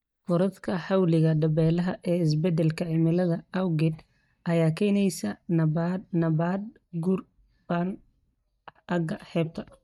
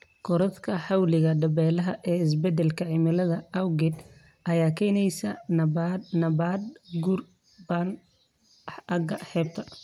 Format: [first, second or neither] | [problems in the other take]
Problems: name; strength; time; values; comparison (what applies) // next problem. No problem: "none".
second | noise reduction (neural mask model DeepFilterNet 3)